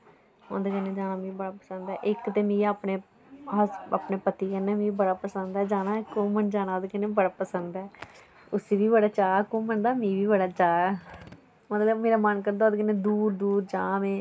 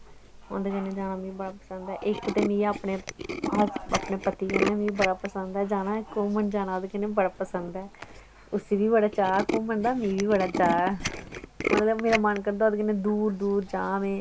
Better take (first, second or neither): first